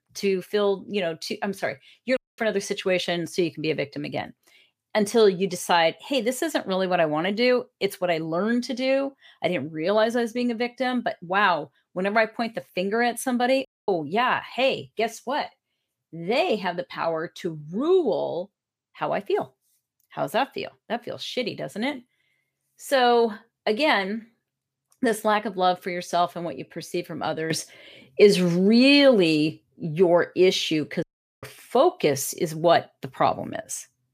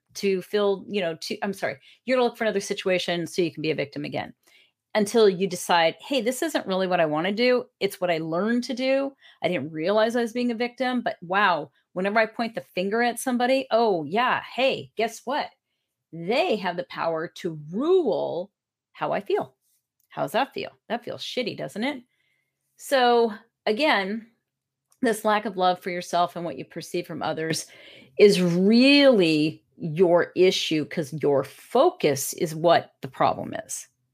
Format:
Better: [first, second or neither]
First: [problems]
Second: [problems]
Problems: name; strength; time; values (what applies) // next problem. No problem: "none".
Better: second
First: audio cutting out; at 2 s, at 14 s and at 31 s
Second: none